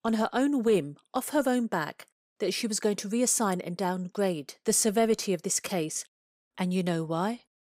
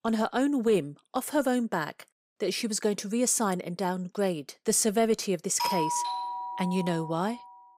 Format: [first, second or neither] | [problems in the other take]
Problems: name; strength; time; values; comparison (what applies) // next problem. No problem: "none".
first | doorbell; noticeable; from 5.5 to 7.5 s; peak 1 dB below the speech